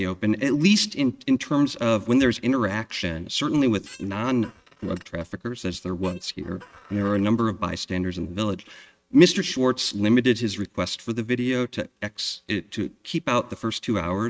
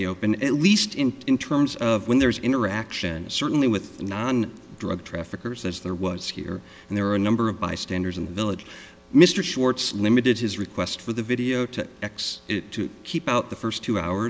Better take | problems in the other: second | noise reduction (neural mask model RNNoise)

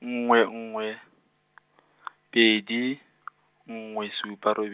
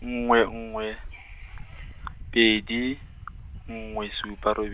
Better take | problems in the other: first | background sound (Subway, metro, underground / Wind); 13 dB below the speech

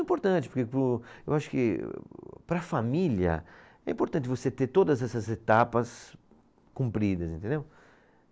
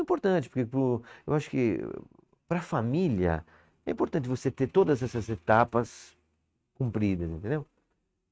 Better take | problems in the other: first | noise reduction (neural mask model RNNoise)

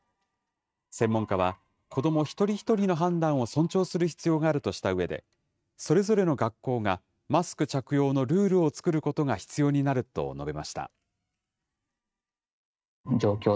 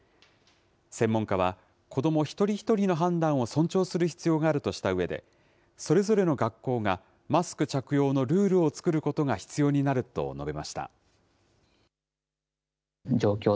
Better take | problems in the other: second | noise reduction (neural mask model RNNoise)

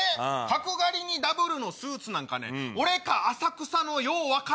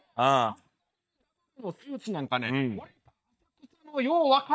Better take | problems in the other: first | noise reduction (neural mask model DeepFilterNet 3)

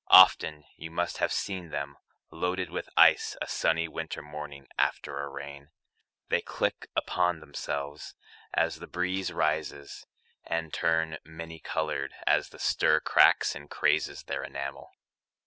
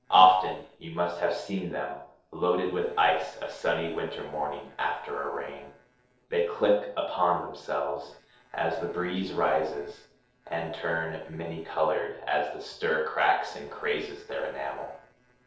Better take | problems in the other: first | noise reduction (neural separator model SepFormer DNS4)

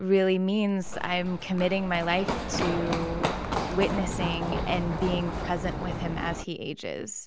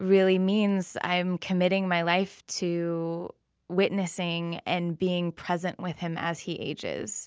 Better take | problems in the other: second | background sound (Run); 4 dB below the speech

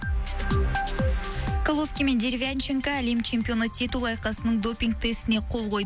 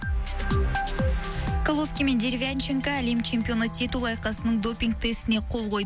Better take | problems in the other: first | background sound (Bowed string instrument); 15 dB below the speech

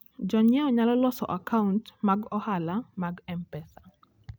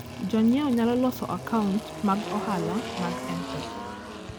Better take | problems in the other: first | background sound (Engine); 8 dB below the speech

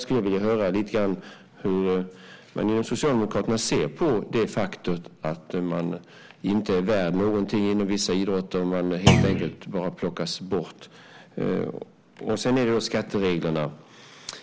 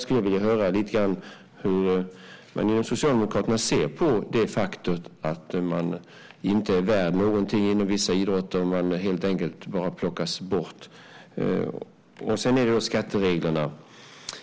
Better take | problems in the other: second | background sound (Thump, thud); 5 dB above the speech

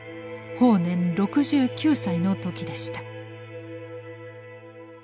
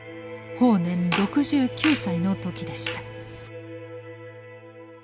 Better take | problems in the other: first | background sound (Fart); 9 dB below the speech

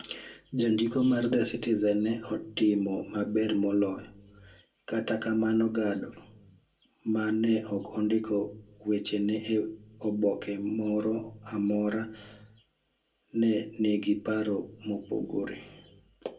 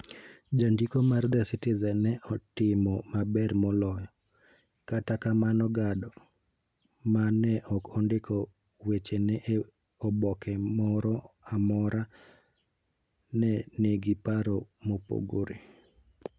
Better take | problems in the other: second | room echo; dies away in 0.2 s

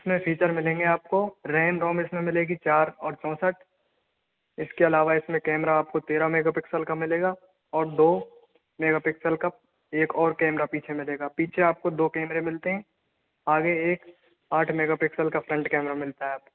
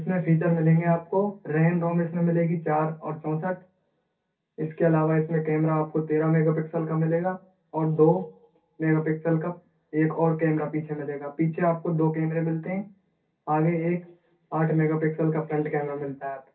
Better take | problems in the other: first | room echo; dies away in 0.3 s

